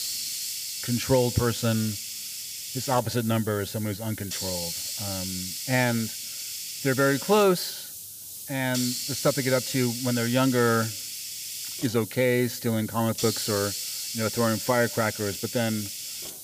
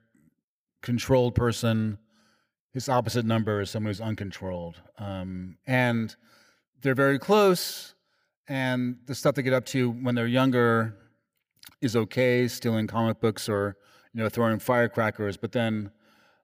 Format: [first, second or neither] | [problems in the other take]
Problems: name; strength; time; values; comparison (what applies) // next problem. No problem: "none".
second | hiss; loud; throughout; 5 dB below the speech